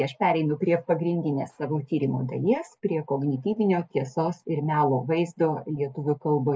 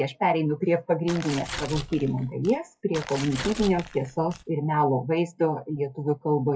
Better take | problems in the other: first | noise reduction (classical method log-MMSE)

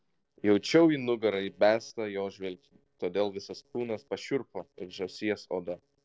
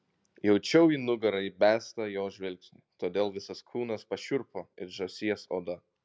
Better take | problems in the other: second | noise reduction (neural separator model SepFormer DNS4)

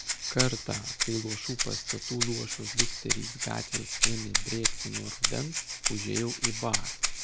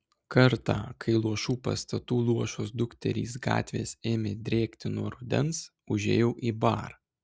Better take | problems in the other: second | background sound (Rattle (instrument)); 4 dB above the speech

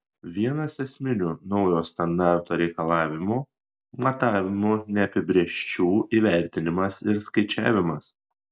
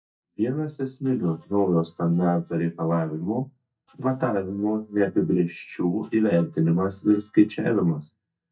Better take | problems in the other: first | noise reduction (neural mask model DeepFilterNet 3)

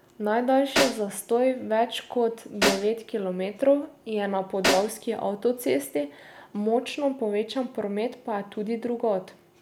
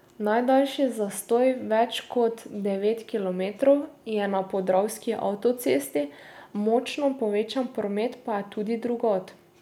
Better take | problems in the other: second | background sound (Snare drum); 4 dB below the speech

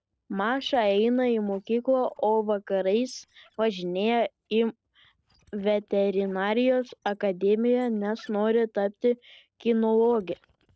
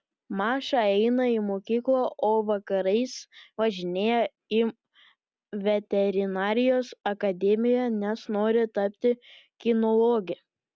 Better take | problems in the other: second | noise reduction (neural separator model SepFormer DNS4)

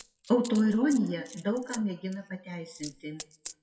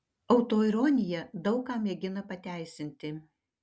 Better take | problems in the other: second | noise reduction (classical method WPE with log-MMSE)

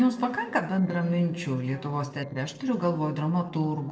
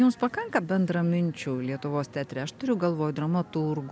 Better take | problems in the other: second | noise reduction (neural separator model SepFormer DNS4)

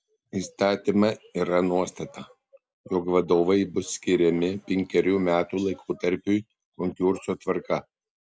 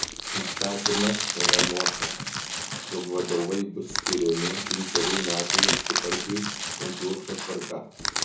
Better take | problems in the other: first | background sound (Crushing); 2 dB above the speech // room echo; dies away in 0.6 s

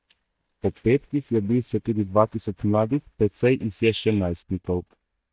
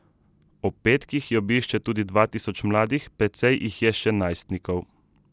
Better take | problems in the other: second | noise reduction (neural mask model DeepFilterNet 3)

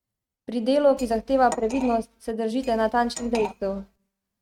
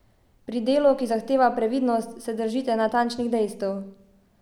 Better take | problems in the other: second | noise reduction (neural mask model RNNoise)

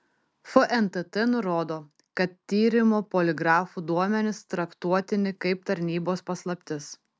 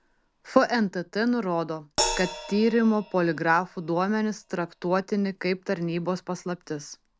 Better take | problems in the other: first | background sound (Crash cymbal); 12 dB below the speech

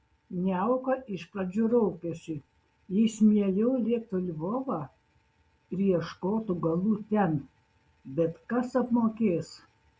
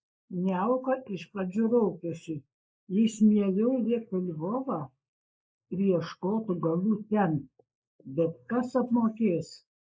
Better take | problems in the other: first | noise reduction (neural mask model Resemble Enhance denoiser)

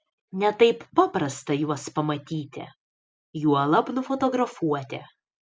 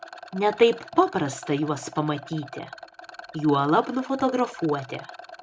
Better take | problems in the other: first | background sound (Rattle); 17 dB below the speech

